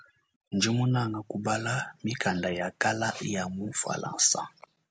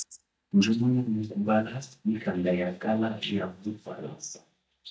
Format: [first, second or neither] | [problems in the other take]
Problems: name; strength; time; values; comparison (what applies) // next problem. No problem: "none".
first | noise reduction (neural mask model DeepFilterNet 3)